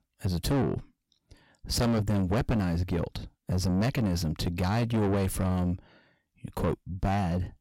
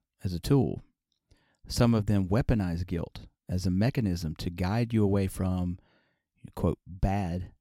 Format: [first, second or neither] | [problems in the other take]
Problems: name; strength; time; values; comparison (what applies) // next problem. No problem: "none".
second | distortion; heavy; 6 dB below the speech